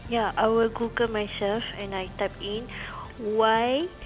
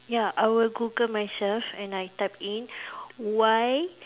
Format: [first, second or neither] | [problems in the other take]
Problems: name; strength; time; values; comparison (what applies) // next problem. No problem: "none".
second | background sound (Boat, Water vehicle + Organ); 15 dB below the speech